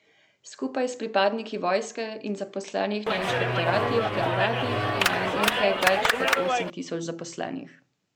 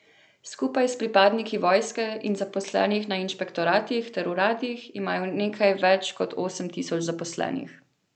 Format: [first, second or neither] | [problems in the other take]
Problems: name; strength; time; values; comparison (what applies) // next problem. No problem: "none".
second | background sound (Clapping); 4 dB above the speech